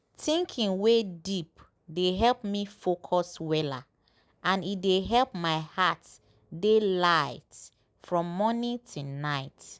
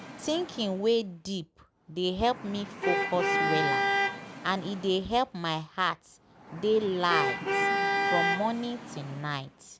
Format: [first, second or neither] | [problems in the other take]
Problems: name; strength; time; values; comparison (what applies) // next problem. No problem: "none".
first | background sound (Traffic noise, roadway noise / Vehicle horn, car horn, honking); 1 dB below the speech